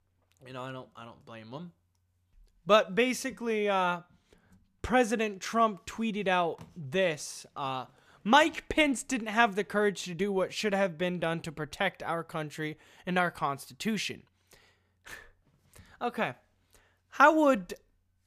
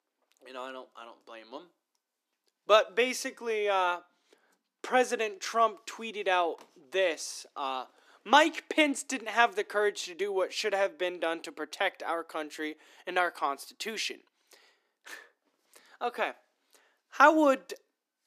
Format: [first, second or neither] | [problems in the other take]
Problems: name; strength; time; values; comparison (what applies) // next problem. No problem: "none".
first | thin; very slightly; fading below 300 Hz